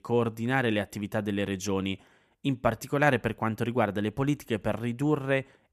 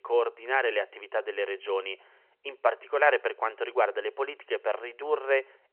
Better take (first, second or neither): first